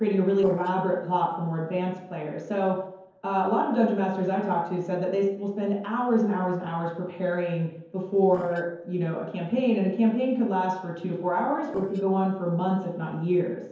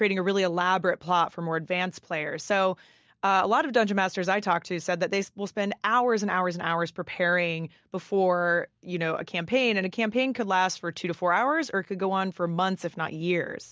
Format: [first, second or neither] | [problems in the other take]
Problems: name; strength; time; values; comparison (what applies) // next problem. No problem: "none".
second | noise reduction (neural separator model SepFormer DNS4)